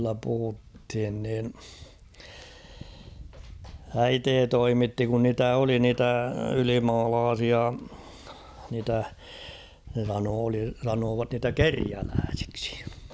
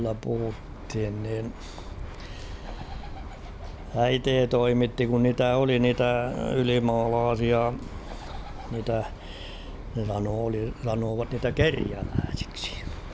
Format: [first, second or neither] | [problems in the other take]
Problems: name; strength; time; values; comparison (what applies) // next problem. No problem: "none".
first | background sound (Bird); 12 dB below the speech